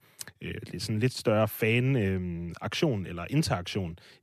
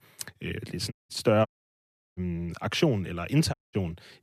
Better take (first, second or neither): first